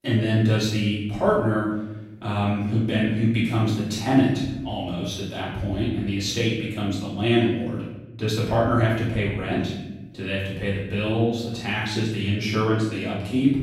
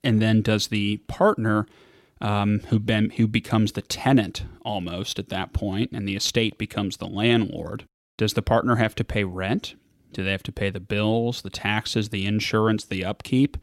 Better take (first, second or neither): second